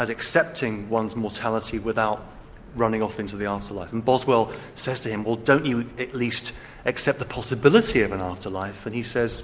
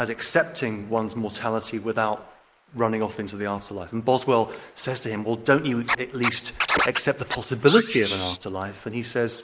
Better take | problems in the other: first | noise reduction (neural mask model Resemble Enhance denoiser)

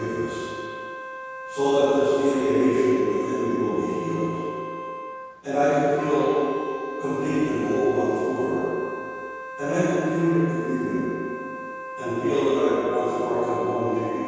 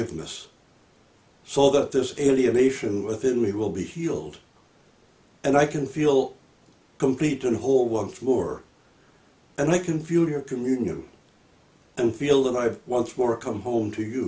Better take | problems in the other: second | background sound (Wind instrument, woodwind instrument); 11 dB below the speech // room echo; dies away in 2.2 s

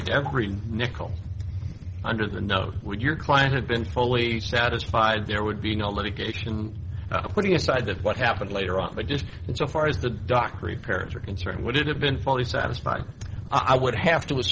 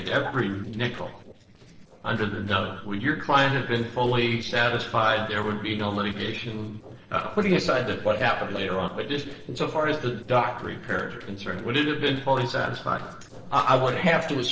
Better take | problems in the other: first | noise reduction (neural separator model SepFormer DNS4)

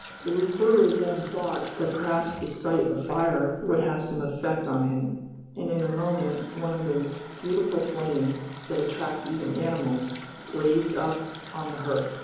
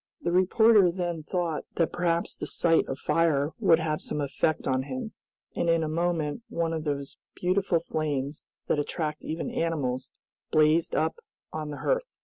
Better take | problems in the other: second | background sound (Water tap, faucet); 18 dB below the speech // room echo; dies away in 1 s

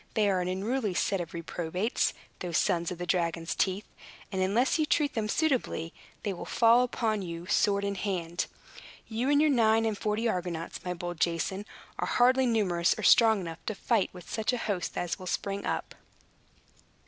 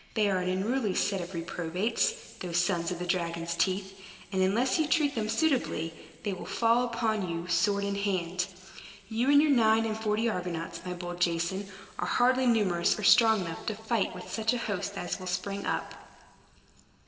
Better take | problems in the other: first | room echo; dies away in 2.8 s

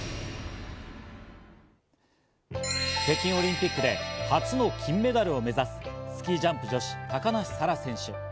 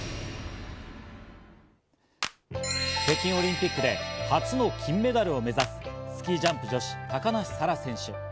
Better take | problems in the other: first | background sound (Clapping); 11 dB below the speech

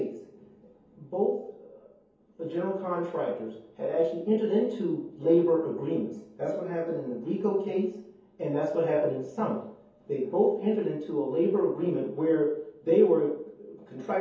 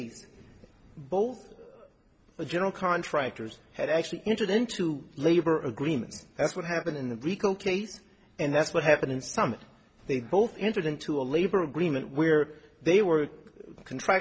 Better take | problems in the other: second | room echo; dies away in 0.7 s

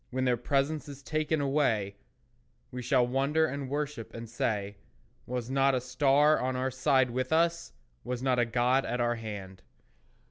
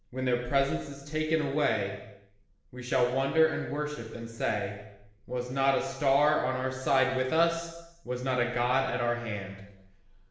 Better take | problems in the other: first | room echo; dies away in 0.9 s

